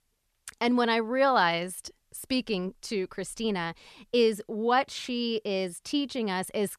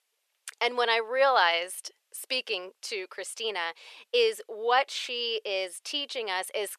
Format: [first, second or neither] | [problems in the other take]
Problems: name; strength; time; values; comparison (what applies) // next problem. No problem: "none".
first | thin; very; fading below 500 Hz